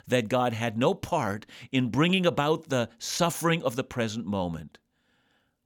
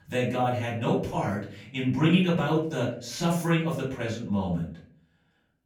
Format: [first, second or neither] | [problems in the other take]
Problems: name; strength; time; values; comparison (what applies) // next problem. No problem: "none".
first | room echo; noticeable; dies away in 0.5 s // off-mic speech; far